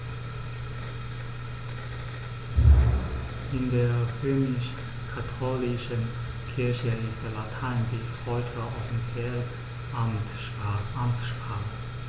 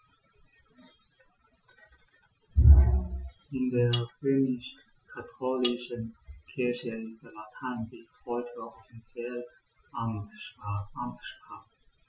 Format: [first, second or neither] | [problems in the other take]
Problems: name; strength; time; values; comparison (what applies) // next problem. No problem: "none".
first | noise reduction (classical method Wiener filter)